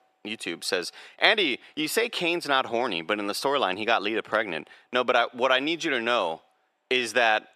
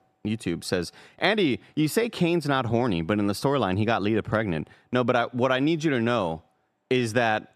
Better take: second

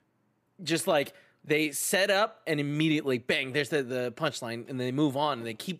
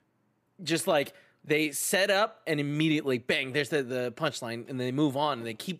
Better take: neither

